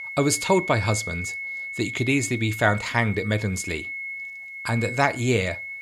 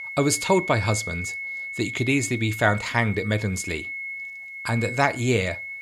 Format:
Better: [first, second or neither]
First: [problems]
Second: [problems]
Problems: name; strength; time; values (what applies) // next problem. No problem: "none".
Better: neither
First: high-pitched whine; loud; throughout; 2 kHz, 8 dB below the speech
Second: high-pitched whine; loud; throughout; 2 kHz, 8 dB below the speech